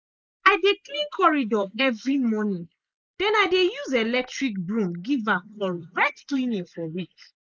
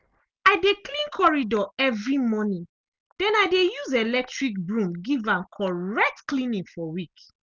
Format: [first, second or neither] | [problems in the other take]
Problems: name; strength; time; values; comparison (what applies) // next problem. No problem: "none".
second | noise reduction (neural mask model Resemble Enhance denoiser)